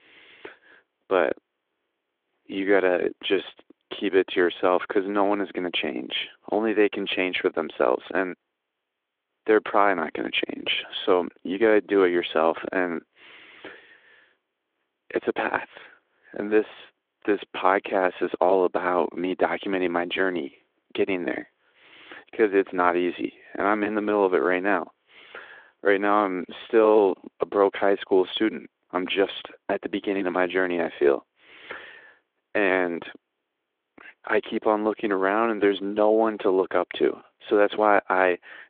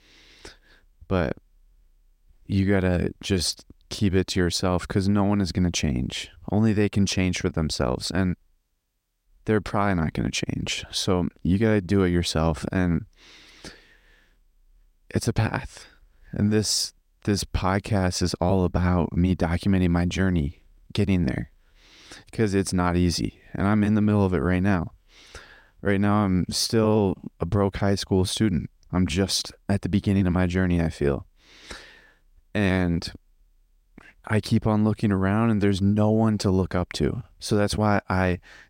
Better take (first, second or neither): second